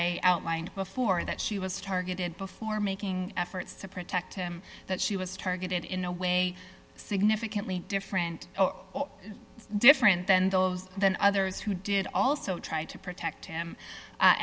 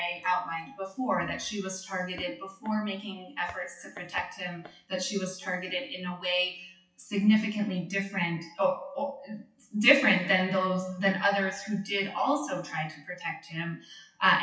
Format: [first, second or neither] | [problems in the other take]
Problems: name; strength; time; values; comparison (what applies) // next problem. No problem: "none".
first | noise reduction (classical method WPE with log-MMSE)